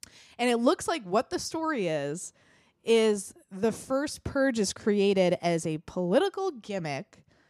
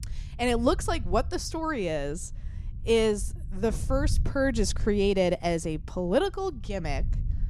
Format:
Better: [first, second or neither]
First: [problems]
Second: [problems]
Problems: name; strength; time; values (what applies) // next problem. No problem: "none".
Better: first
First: none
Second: low rumble; faint; throughout; 25 dB below the speech